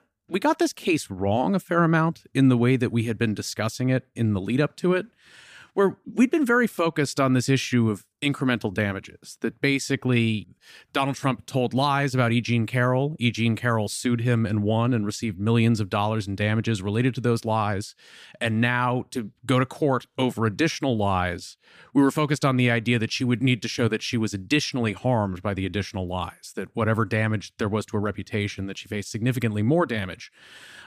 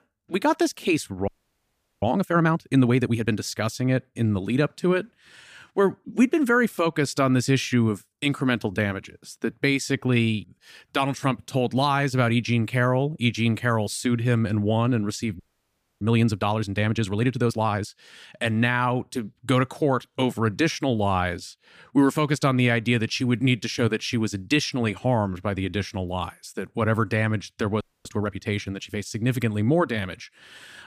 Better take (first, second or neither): first